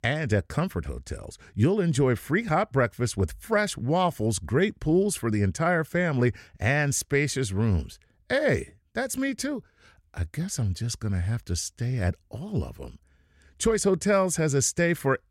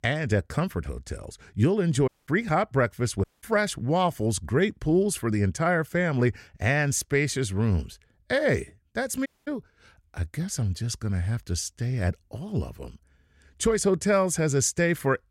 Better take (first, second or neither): first